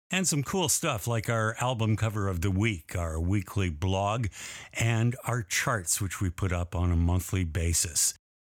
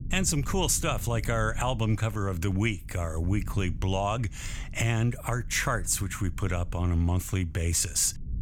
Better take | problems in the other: first | low rumble; faint; throughout; 25 dB below the speech

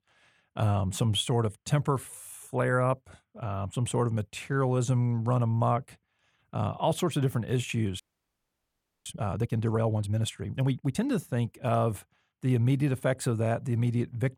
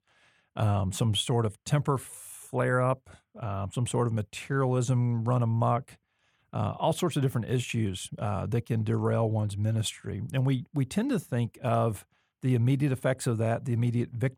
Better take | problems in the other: second | audio freezing; at 8 s for 1 s

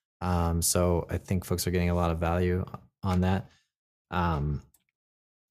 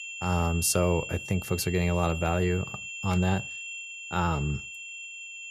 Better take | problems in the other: first | high-pitched whine; loud; throughout; 2.5 kHz, 9 dB below the speech

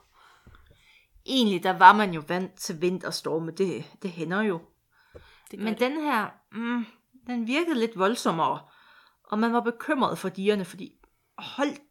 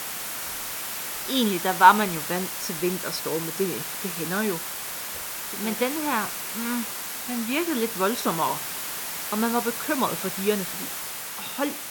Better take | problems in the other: first | hiss; loud; throughout; 4 dB below the speech

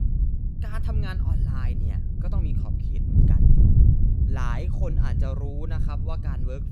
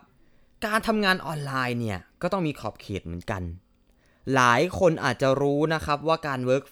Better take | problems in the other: second | wind noise on the microphone; heavy; 1 dB above the speech

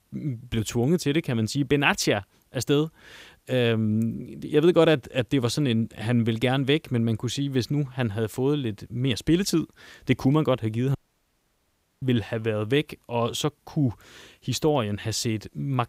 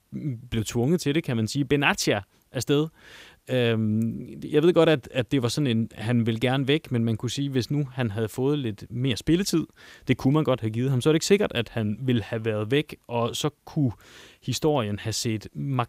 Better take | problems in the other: second | audio cutting out; at 11 s for 1 s

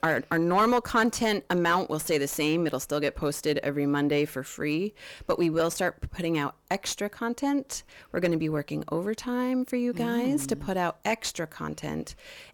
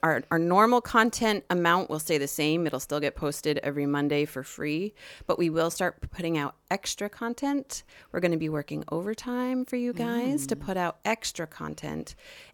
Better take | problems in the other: second | distortion; slight; 10 dB below the speech

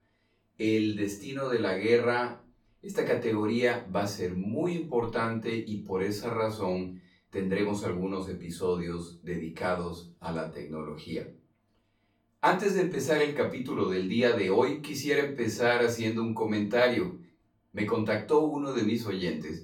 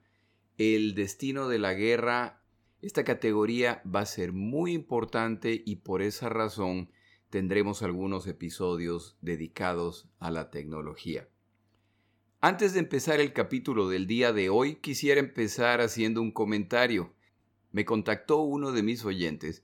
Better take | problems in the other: second | off-mic speech; far // room echo; slight; dies away in 0.3 s

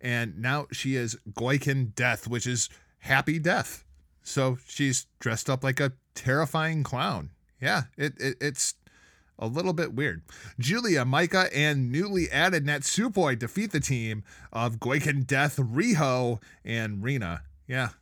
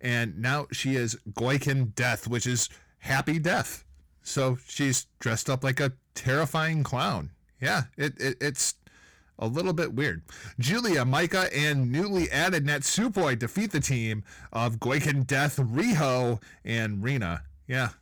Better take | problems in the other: first | distortion; slight; 9% of the sound clipped

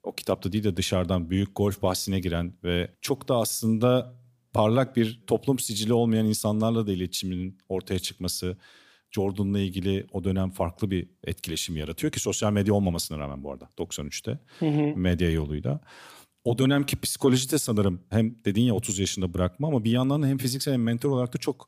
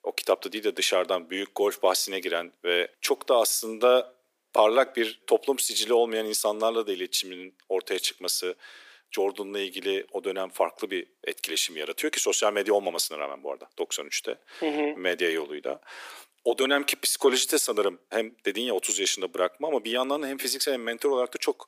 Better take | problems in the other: first | thin; very; fading below 350 Hz

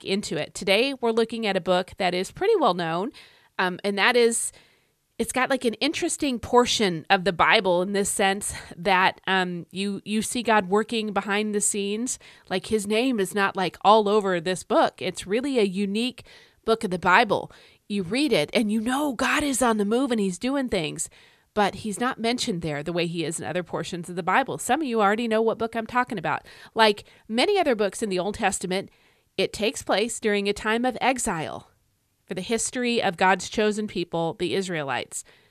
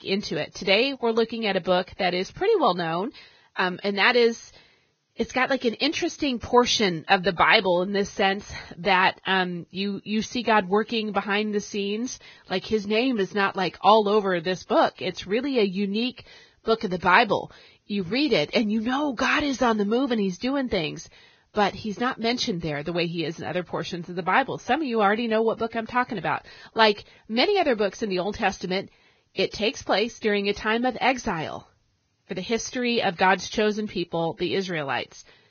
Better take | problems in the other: first | garbled, watery; badly; nothing above 6.5 kHz

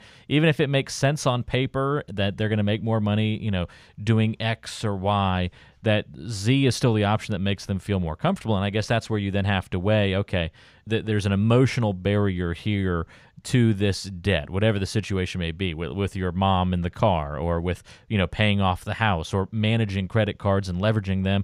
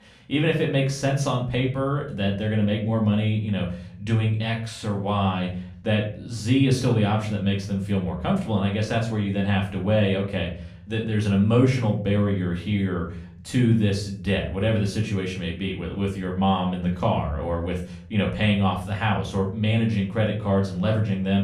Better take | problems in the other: first | room echo; slight; dies away in 0.4 s // off-mic speech; far

